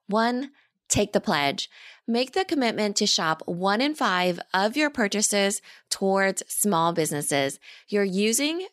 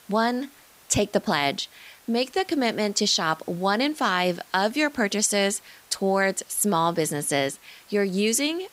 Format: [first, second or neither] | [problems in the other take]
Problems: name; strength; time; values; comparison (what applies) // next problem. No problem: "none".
first | hiss; faint; throughout; 25 dB below the speech